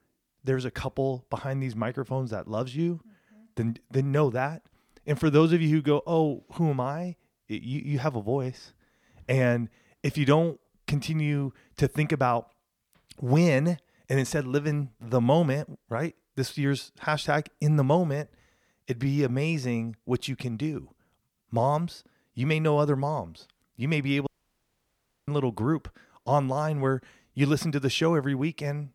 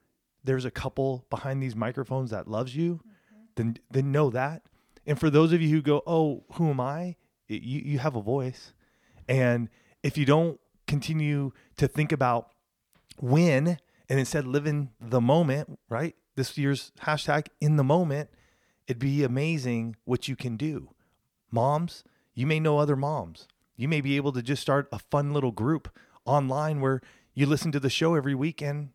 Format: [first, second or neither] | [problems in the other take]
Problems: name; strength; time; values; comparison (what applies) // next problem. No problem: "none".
second | audio cutting out; at 24 s for 1 s